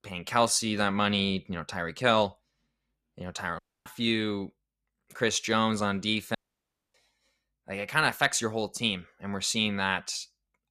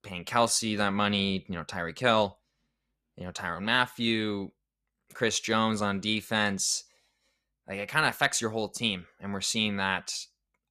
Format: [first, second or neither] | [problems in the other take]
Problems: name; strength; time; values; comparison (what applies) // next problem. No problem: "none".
second | audio cutting out; at 3.5 s and at 6.5 s for 0.5 s